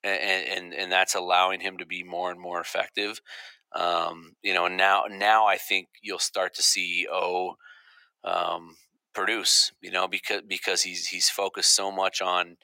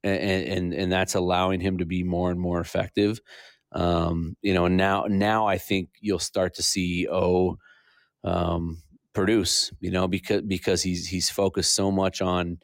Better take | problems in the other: second | thin; very; fading below 800 Hz

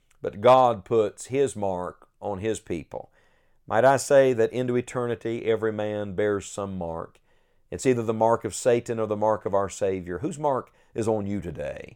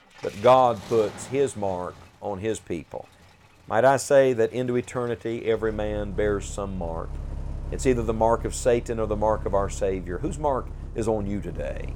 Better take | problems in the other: first | traffic noise; noticeable; throughout; 15 dB below the speech

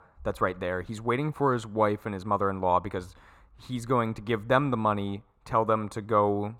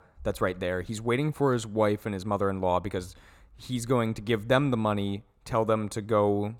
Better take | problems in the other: second | muffled; slightly; fading above 3.5 kHz

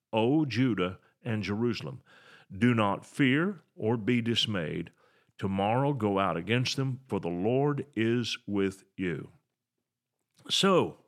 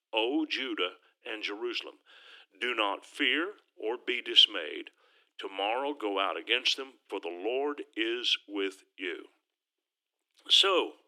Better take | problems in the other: first | thin; somewhat; fading below 300 Hz

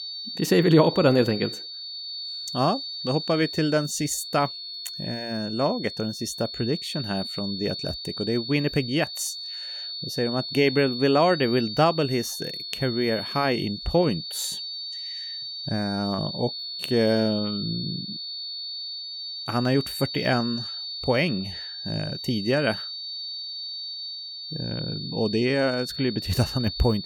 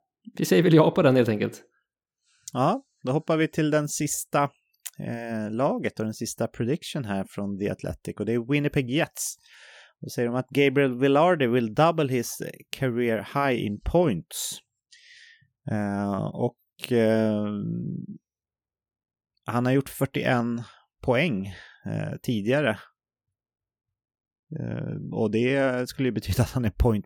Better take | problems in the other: second | high-pitched whine; loud; throughout; 4.5 kHz, 7 dB below the speech

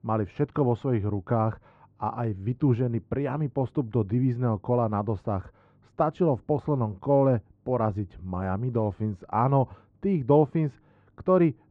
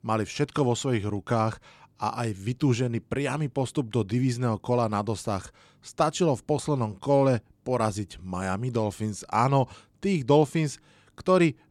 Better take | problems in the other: second | muffled; very; fading above 1 kHz

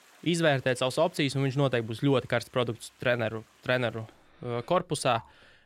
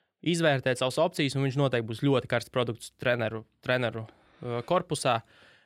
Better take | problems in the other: second | rain or running water; faint; throughout; 30 dB below the speech

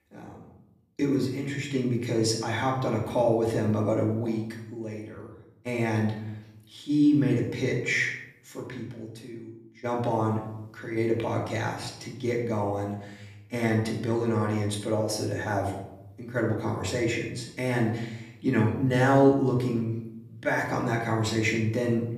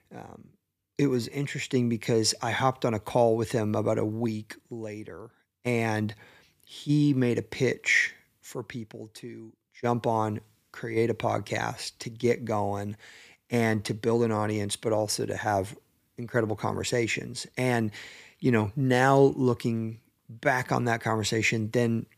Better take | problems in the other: second | off-mic speech; far // room echo; noticeable; dies away in 0.8 s

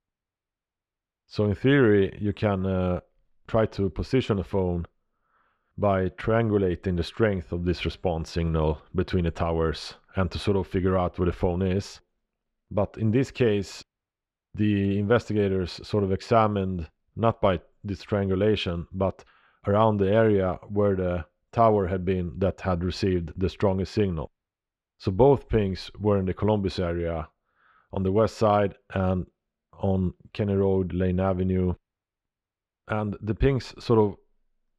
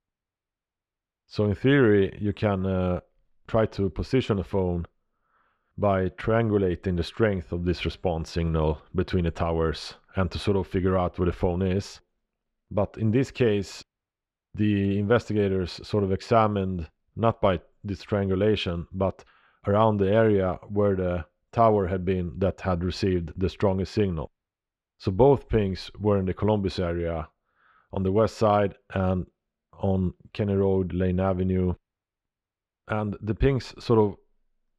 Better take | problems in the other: neither | muffled; slightly; fading above 2.5 kHz; the same in both

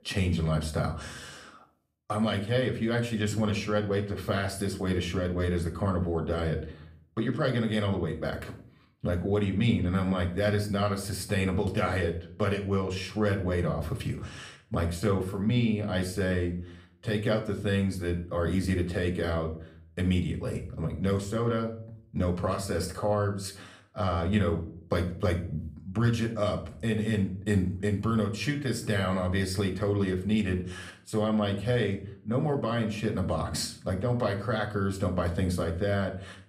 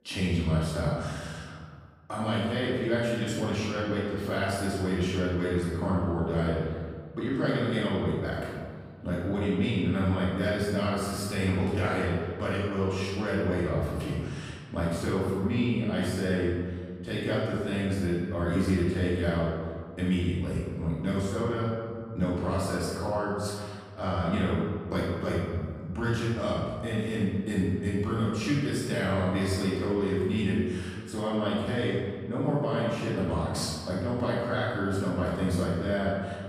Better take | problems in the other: first | room echo; strong; dies away in 1.6 s; slight in the first // off-mic speech; far; somewhat distant in the first

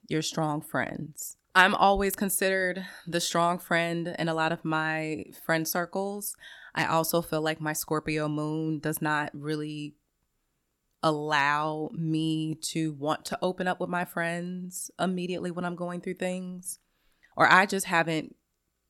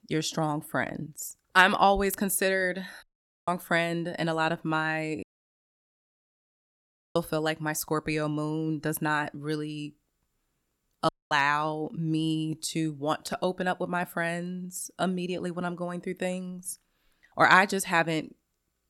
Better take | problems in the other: first | audio cutting out; at 3 s, at 5 s for 2 s and at 11 s

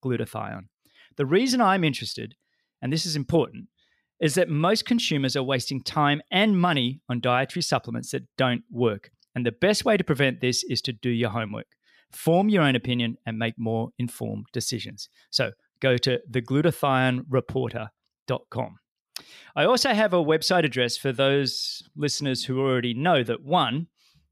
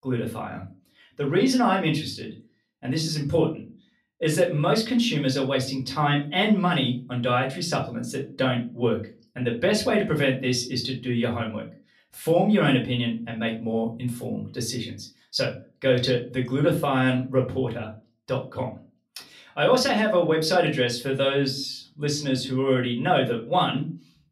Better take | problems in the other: first | off-mic speech; far // room echo; very slight; dies away in 0.3 s

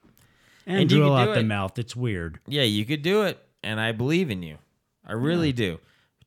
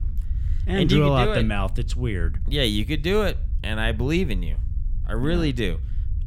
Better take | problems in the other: first | low rumble; faint; throughout; 25 dB below the speech

